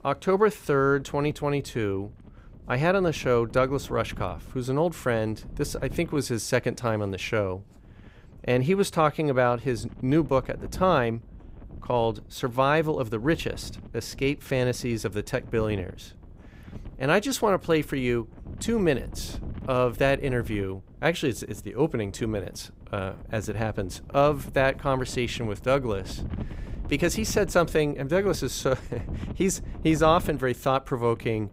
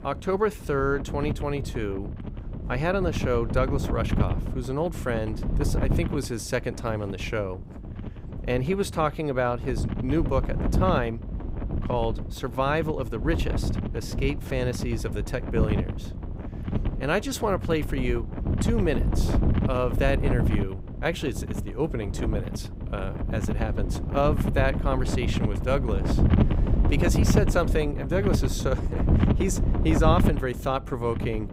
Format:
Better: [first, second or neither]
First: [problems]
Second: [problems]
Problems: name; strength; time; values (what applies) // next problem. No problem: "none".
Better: first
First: wind noise on the microphone; occasional gusts; 25 dB below the speech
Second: wind noise on the microphone; heavy; 7 dB below the speech